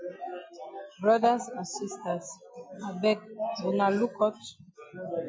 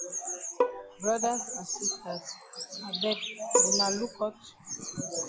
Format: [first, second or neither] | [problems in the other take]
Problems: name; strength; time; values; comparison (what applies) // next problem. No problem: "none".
first | background sound (Bird vocalization, bird call, bird song + Bowed string instrument); 3 dB above the speech